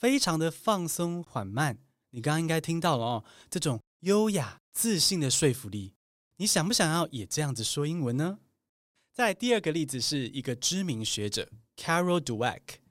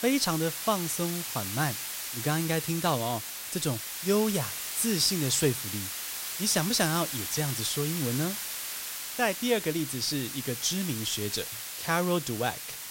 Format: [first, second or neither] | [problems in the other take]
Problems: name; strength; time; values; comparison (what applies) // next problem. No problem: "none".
first | hiss; loud; throughout; 4 dB below the speech